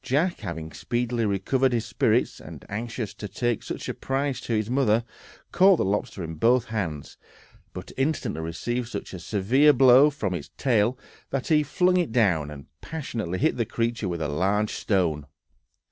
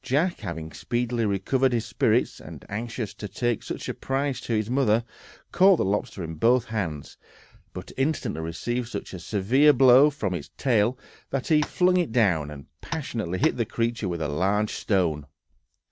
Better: first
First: none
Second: background sound (Tap); 13 dB below the speech

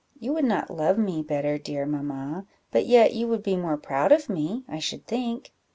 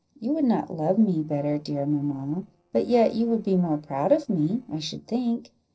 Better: first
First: none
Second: noise reduction (neural separator model SepFormer DNS4)

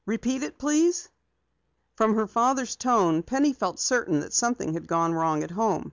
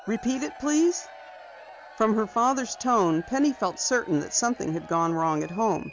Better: first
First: none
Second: background sound (Crowd / Cheering); 19 dB below the speech

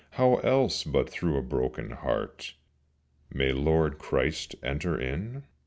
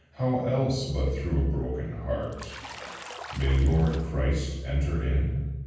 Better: first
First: none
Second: background sound (Bathtub (filling or washing) / Splash, splatter); 15 dB below the speech // room echo; dies away in 1.2 s

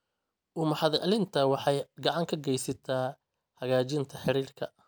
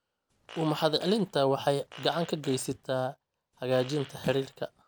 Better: first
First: none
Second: background sound (Fart); 20 dB below the speech

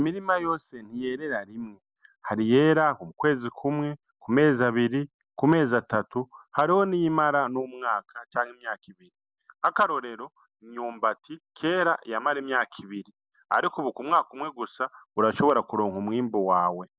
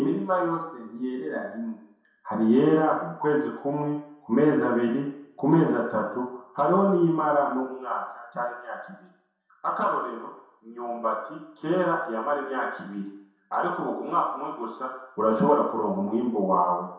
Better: first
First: none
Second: room echo; dies away in 0.7 s

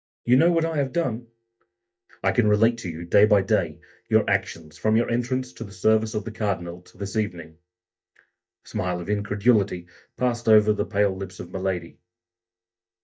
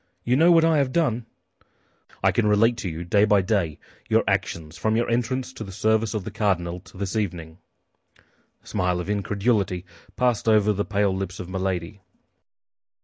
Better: second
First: noise reduction (neural mask model DeepFilterNet 3)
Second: none

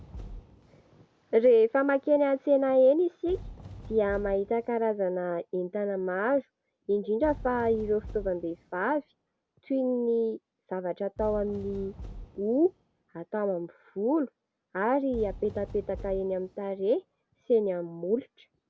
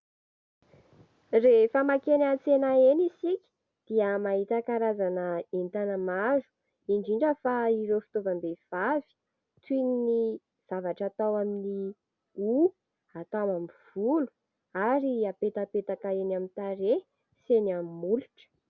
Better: second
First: background sound (Fireworks); 19 dB below the speech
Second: none

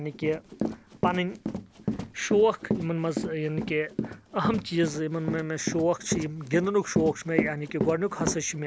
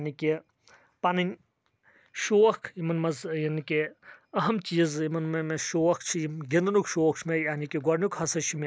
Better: second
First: background sound (Run); 5 dB below the speech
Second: none

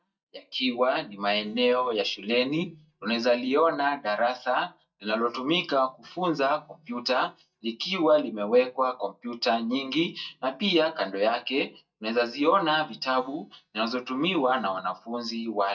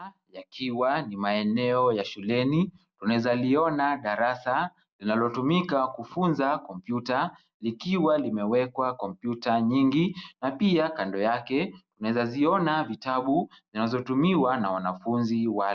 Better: second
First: noise reduction (neural mask model DeepFilterNet 3)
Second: none

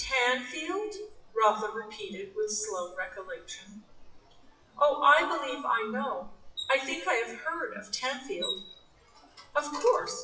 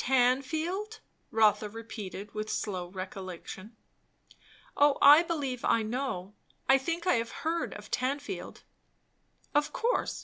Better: second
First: noise reduction (classical method WPE with log-MMSE)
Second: none

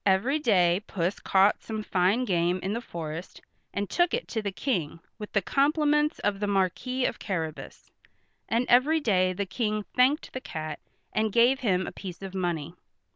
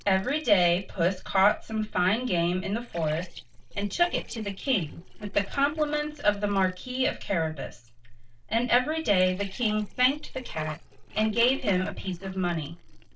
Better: first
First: none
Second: noise reduction (neural separator model SepFormer DNS4)

